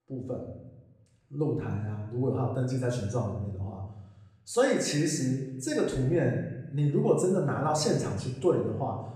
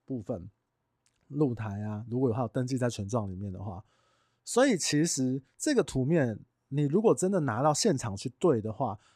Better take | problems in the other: second | room echo; noticeable; dies away in 0.9 s // off-mic speech; far

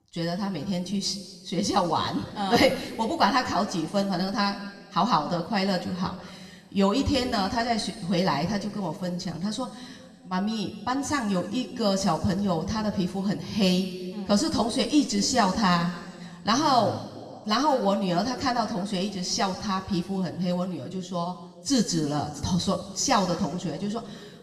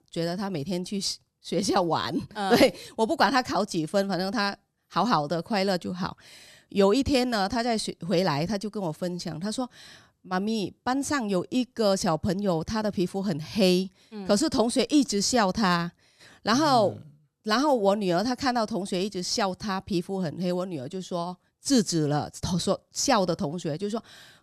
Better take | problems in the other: second | room echo; noticeable; dies away in 1.6 s // off-mic speech; somewhat distant

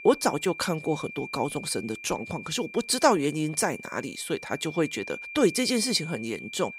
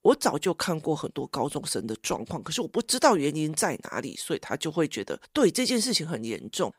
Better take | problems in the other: second | high-pitched whine; noticeable; throughout; 2.5 kHz, 10 dB below the speech

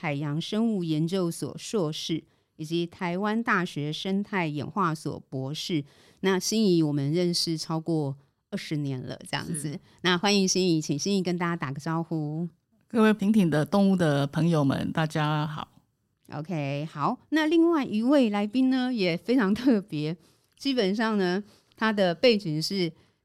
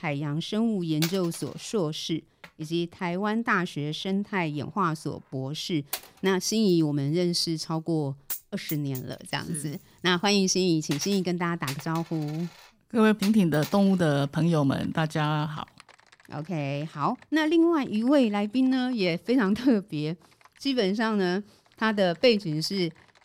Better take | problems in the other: first | household noises; noticeable; throughout; 15 dB below the speech

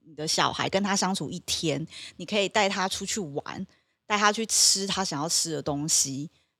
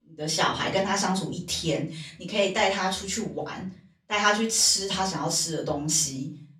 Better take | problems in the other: first | room echo; very slight; dies away in 0.3 s // off-mic speech; far

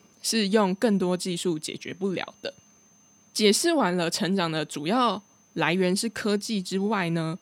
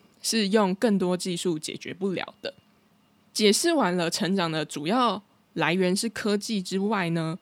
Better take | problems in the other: second | high-pitched whine; faint; until 3.5 s and from 4.5 s on; 6.5 kHz, 35 dB below the speech

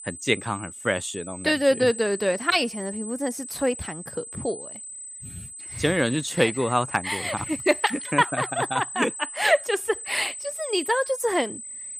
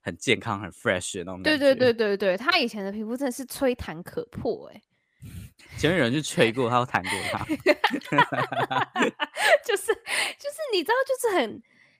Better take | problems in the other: second | high-pitched whine; loud; throughout; 8 kHz, 10 dB below the speech

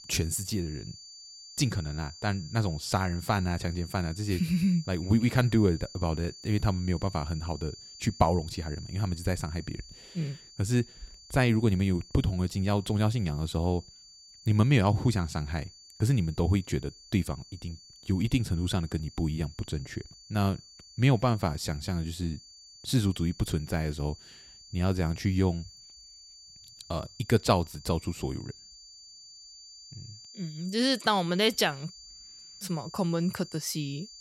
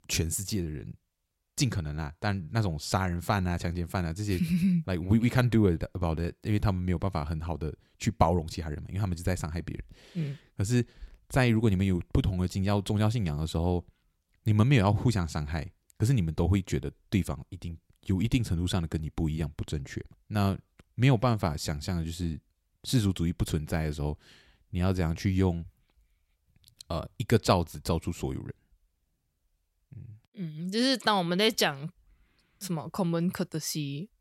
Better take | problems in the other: second | high-pitched whine; noticeable; throughout; 4.5 kHz, 20 dB below the speech

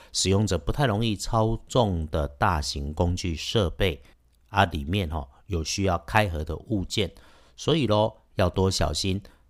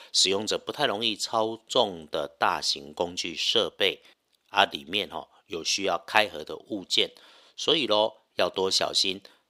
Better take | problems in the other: first | thin; somewhat; fading below 400 Hz

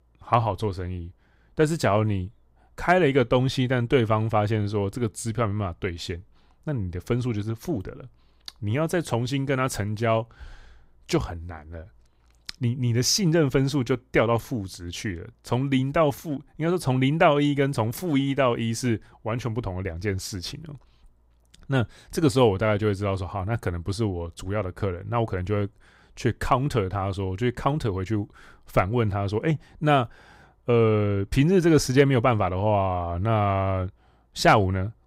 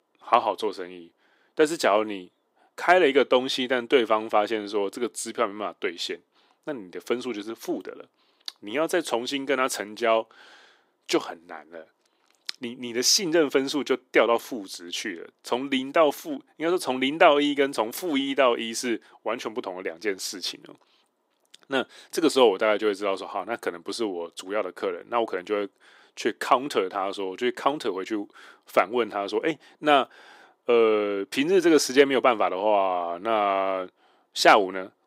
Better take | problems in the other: first | thin; somewhat; fading below 300 Hz

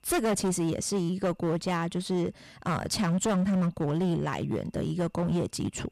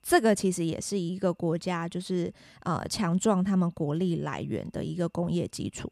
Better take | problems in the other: second | distortion; heavy; 16% of the sound clipped

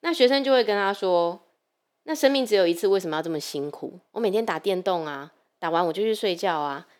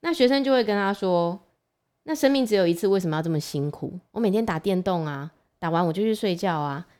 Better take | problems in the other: second | thin; somewhat; fading below 400 Hz

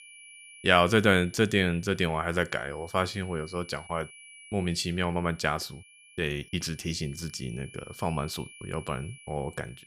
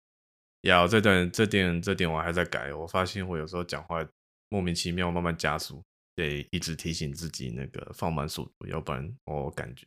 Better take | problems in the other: second | high-pitched whine; faint; throughout; 2.5 kHz, 20 dB below the speech

